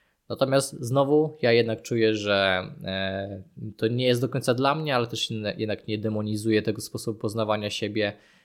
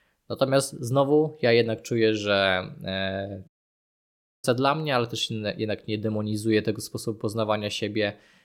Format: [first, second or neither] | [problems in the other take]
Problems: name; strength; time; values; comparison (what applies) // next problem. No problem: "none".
first | audio cutting out; at 3.5 s for 1 s